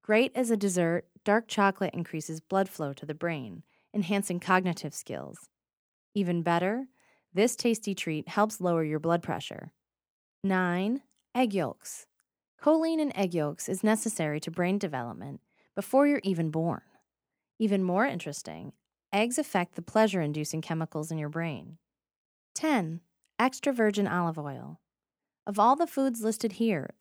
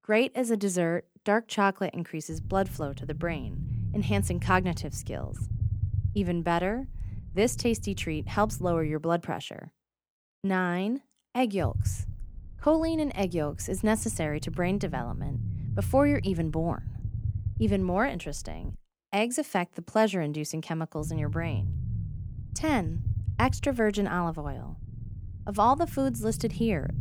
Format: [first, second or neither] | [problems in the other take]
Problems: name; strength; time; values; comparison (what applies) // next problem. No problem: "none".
first | low rumble; noticeable; from 2.5 to 9 s, from 12 to 19 s and from 21 s on; 20 dB below the speech